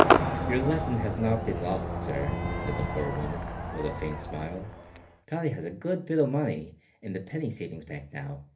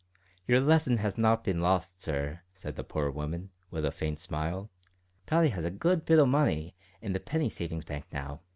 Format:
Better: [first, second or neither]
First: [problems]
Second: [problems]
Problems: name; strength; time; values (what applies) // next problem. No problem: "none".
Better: second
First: background sound (Crowd / Cheering / Fireworks); 1 dB above the speech // room echo; dies away in 0.3 s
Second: none